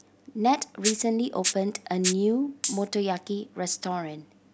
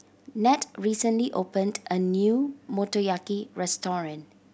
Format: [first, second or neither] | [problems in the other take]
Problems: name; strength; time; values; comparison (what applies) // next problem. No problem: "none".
second | background sound (Rattle (instrument)); 7 dB below the speech